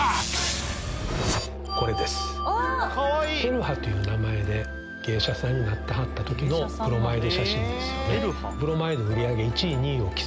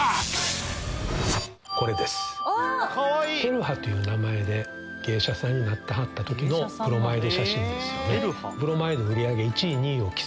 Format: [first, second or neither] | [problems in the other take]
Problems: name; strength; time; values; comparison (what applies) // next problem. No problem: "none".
second | background sound (Musical instrument); 8 dB below the speech